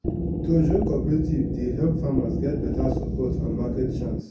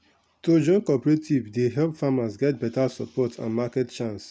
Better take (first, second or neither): second